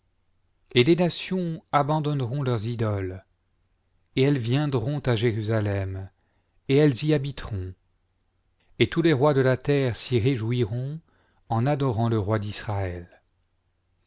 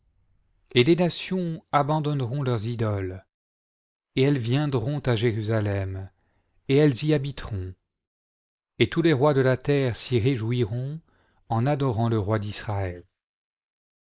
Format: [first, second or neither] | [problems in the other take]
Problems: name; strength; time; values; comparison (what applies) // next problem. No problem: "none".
first | noise reduction (neural mask model Resemble Enhance denoiser)